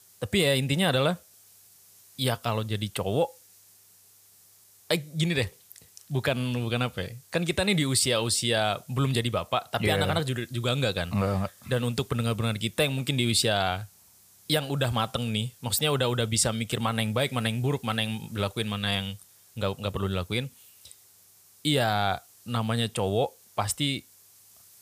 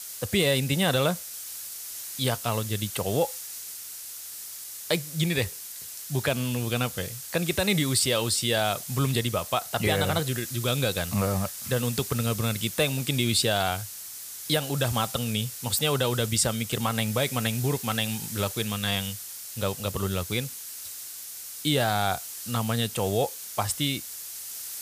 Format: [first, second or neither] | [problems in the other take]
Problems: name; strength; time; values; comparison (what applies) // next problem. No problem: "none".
first | hiss; loud; throughout; 8 dB below the speech; faint in the first